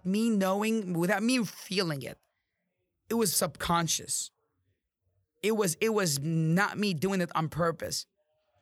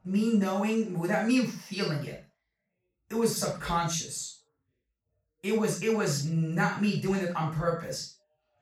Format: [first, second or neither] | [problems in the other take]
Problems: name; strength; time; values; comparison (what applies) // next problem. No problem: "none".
first | room echo; noticeable; dies away in 0.3 s // off-mic speech; far